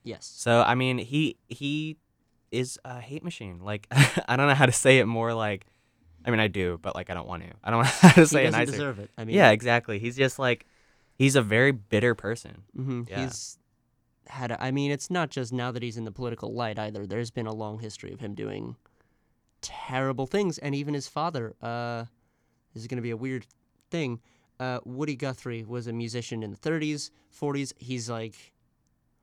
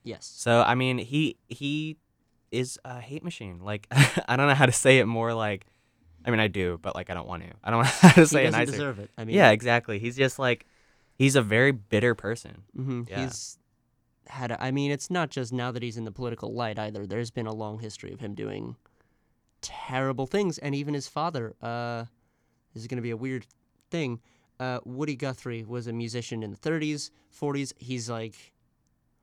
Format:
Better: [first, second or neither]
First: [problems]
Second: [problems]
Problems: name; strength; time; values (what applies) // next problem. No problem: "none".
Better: neither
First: none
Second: none